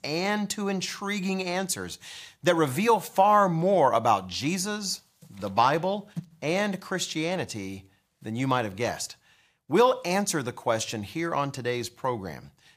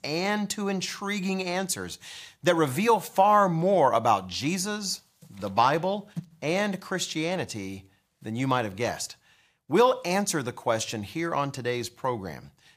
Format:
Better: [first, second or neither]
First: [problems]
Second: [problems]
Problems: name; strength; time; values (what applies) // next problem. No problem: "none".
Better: neither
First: none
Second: none